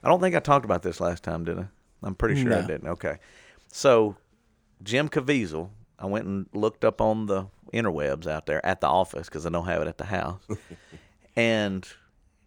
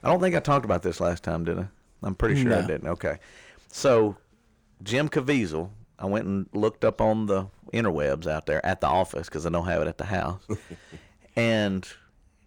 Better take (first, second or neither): first